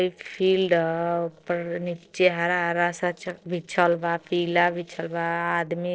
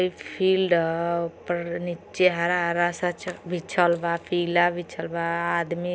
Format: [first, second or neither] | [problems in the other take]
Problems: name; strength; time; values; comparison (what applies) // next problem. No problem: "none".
second | noise reduction (neural separator model SepFormer DNS4)